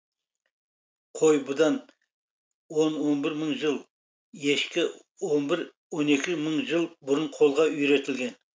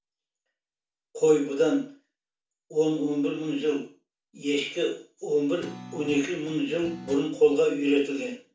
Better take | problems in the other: first | background sound (Guitar); 17 dB below the speech // room echo; dies away in 0.4 s

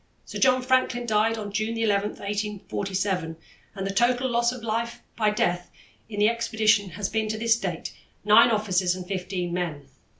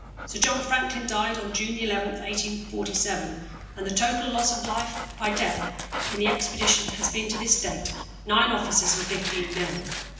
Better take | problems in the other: first | background sound (Dog); 8 dB below the speech // room echo; dies away in 1 s

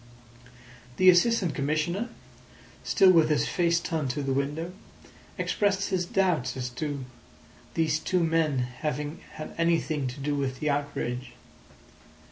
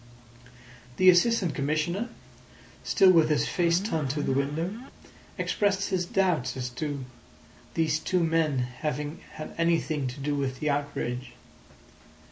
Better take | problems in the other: first | background sound (Alarm); 8 dB below the speech

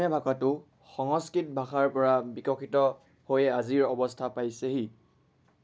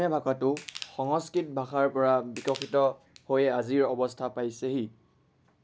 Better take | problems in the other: first | background sound (Crushing); 19 dB below the speech

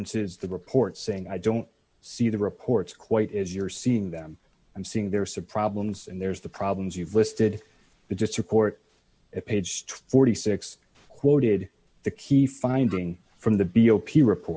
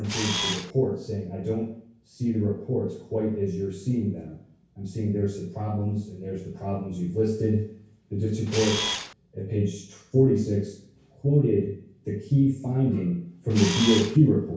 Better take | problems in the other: first | background sound (Camera); 4 dB below the speech // room echo; dies away in 0.6 s

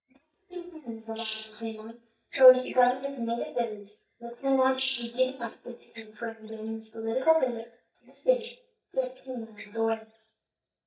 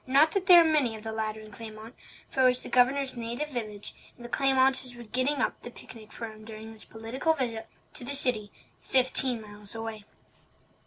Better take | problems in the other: second | noise reduction (neural mask model DeepFilterNet 3)

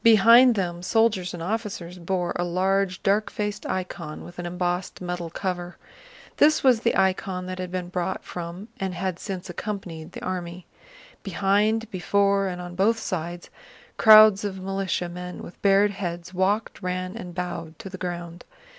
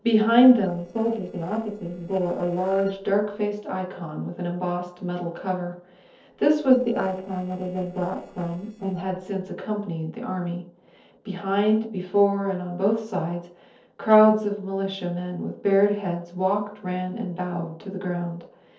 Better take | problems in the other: first | noise reduction (neural separator model SepFormer DNS4)

